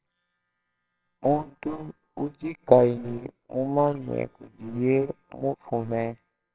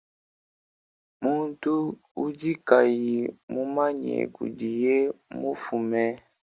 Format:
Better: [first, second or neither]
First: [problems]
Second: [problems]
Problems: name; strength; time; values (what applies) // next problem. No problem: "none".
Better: second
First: noise reduction (neural separator model SepFormer WHAMR!)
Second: none